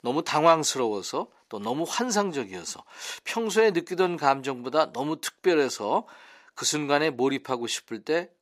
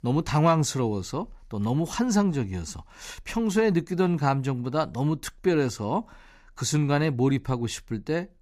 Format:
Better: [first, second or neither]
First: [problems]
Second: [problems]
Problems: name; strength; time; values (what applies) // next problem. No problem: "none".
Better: second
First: thin; somewhat; fading below 450 Hz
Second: none